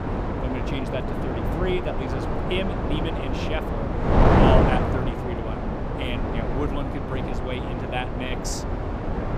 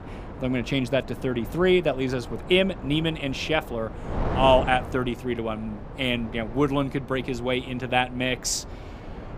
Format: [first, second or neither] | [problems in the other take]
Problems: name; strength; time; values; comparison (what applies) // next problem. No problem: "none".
second | wind noise on the microphone; heavy; 4 dB above the speech; occasional gusts in the second